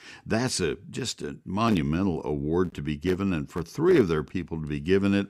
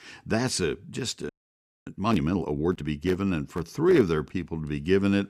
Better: first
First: none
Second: audio freezing; at 1.5 s for 0.5 s

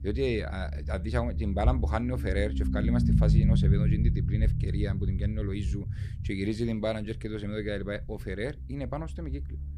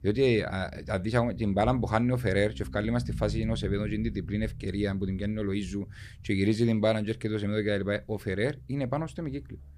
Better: second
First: low rumble; loud; throughout; 5 dB below the speech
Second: low rumble; faint; throughout; 20 dB below the speech

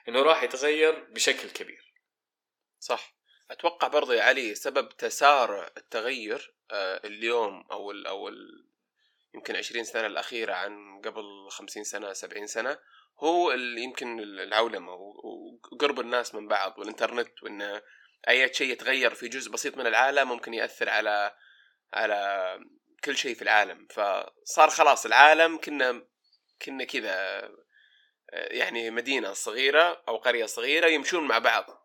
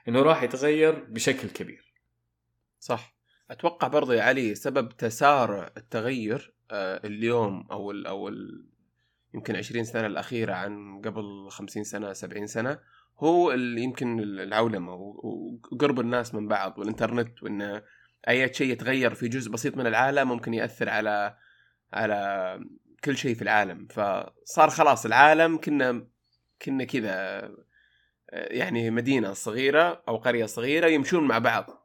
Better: second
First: thin; somewhat; fading below 400 Hz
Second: none

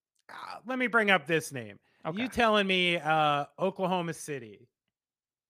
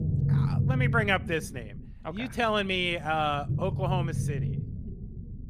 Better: first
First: none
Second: low rumble; noticeable; throughout; 15 dB below the speech

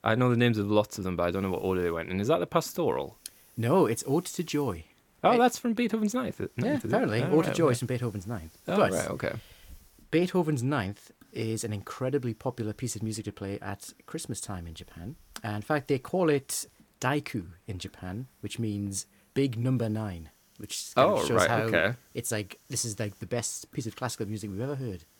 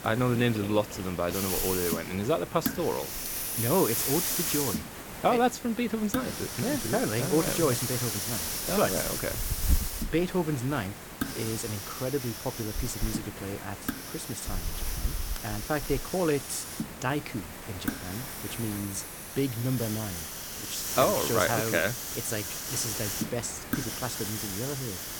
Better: first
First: hiss; faint; throughout; 30 dB below the speech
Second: hiss; loud; throughout; 2 dB below the speech

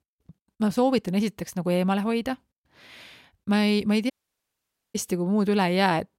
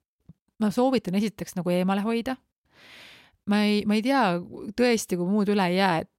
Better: second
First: audio cutting out; at 4 s for 1 s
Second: none

